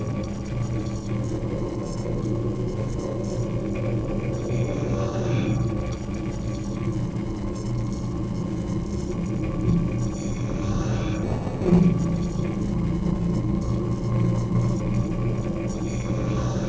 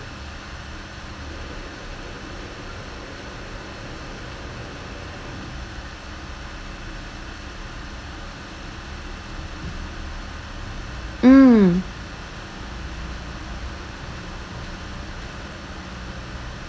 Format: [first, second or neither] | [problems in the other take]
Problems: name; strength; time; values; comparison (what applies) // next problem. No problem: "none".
second | noise reduction (neural separator model SepFormer DNS4)